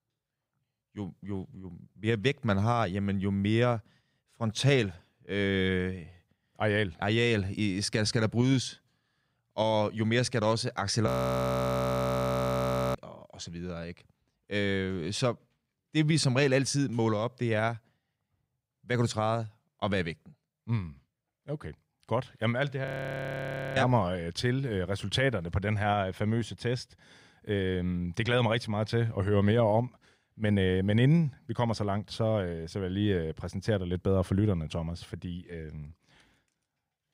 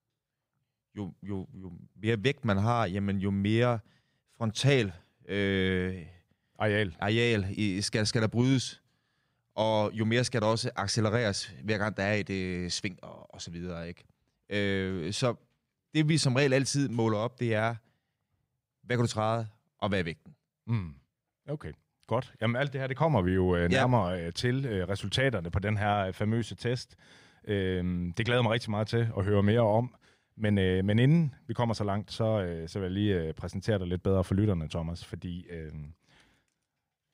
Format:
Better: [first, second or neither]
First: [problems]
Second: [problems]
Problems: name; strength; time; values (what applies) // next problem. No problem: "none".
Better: second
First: audio freezing; at 11 s for 2 s and at 23 s for 1 s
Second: none